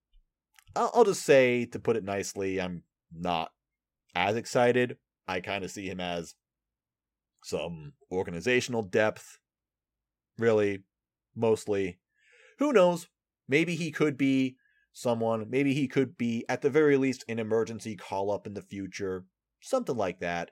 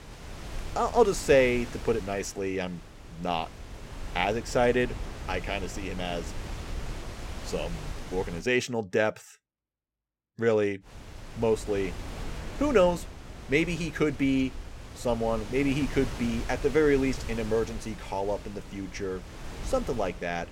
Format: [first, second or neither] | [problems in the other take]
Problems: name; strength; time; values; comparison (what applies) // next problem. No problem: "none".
first | wind noise on the microphone; occasional gusts; until 8.5 s and from 11 s on; 15 dB below the speech